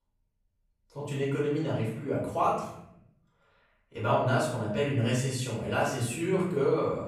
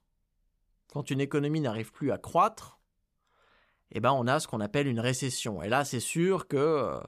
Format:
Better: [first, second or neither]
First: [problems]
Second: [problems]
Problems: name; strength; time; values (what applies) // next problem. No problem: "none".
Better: second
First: off-mic speech; far // room echo; noticeable; dies away in 0.8 s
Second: none